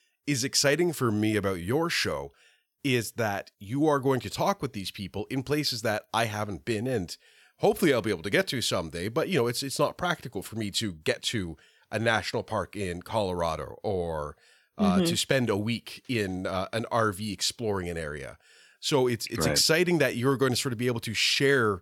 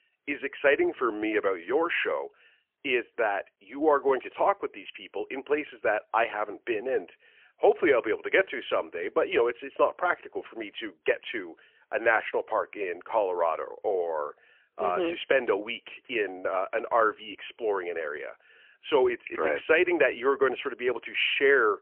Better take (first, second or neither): first